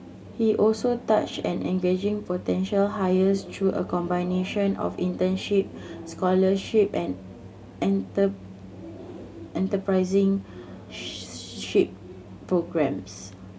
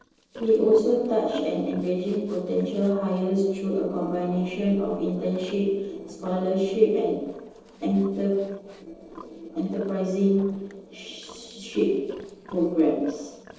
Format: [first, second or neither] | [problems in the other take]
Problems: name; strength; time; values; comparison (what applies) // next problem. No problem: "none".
first | noise reduction (neural separator model SepFormer DNS4)